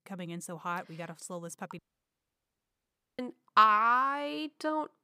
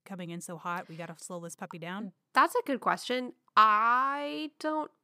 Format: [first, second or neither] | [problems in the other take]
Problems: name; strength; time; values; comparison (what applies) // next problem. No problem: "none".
second | audio cutting out; at 2 s for 1.5 s